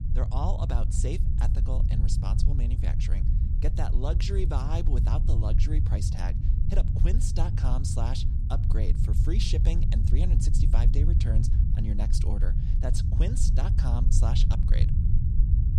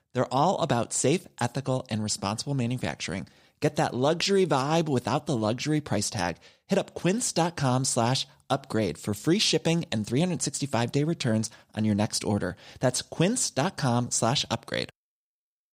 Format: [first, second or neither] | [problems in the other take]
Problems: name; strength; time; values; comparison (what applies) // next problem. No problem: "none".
second | low rumble; loud; throughout; 3 dB below the speech